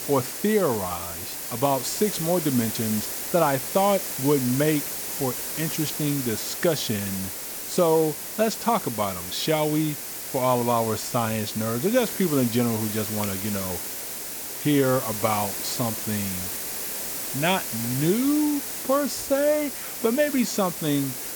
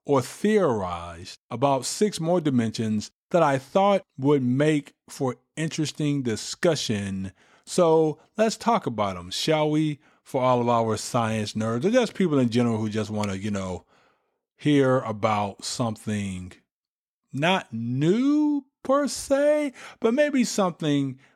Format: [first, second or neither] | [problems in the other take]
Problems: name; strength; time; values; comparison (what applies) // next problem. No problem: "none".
second | hiss; loud; throughout; 4 dB below the speech